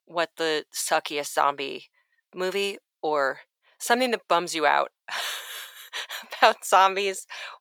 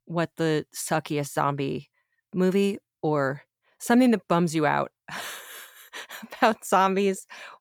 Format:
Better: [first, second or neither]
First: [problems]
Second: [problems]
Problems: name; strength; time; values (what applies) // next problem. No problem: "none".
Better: second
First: thin; very; fading below 600 Hz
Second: none